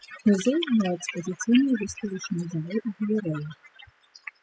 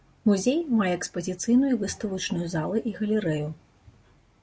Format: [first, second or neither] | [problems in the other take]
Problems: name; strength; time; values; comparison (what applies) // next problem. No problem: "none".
second | noise reduction (classical method spectral subtraction)